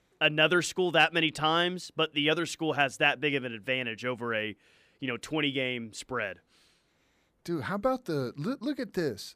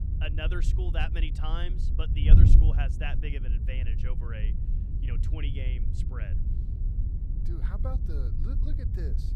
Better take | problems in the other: first | wind noise on the microphone; heavy; 4 dB below the speech

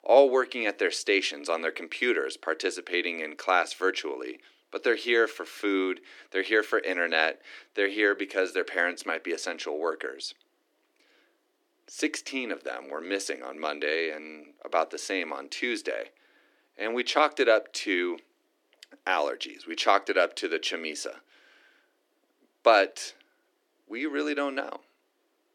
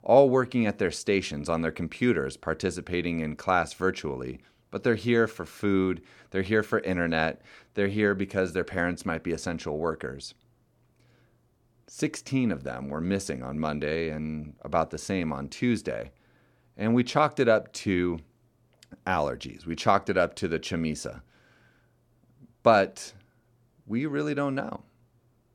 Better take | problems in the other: second | thin; somewhat; fading below 300 Hz

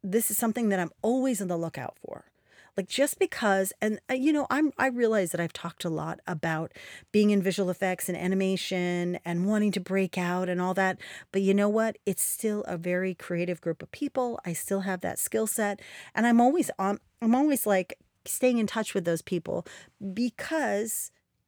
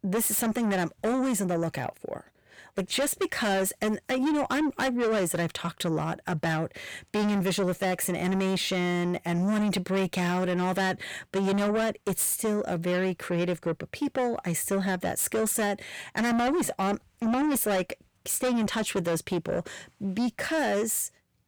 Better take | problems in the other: first | distortion; heavy; 7 dB below the speech

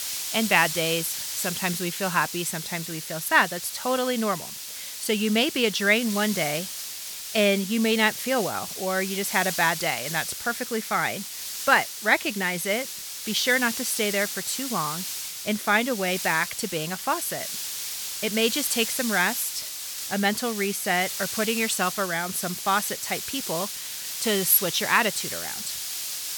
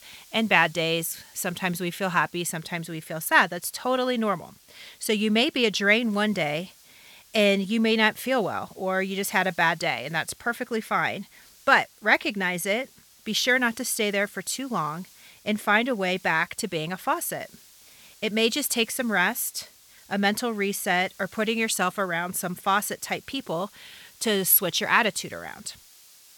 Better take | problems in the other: second | hiss; loud; throughout; 6 dB below the speech; faint in the second

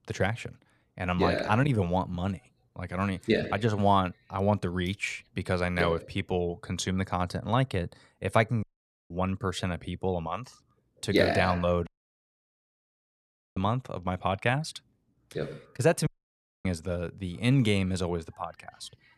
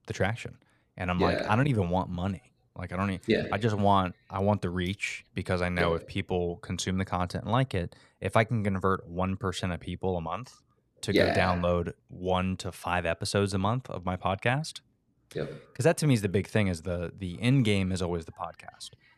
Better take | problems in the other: second | audio cutting out; at 8.5 s, at 12 s for 1.5 s and at 16 s for 0.5 s

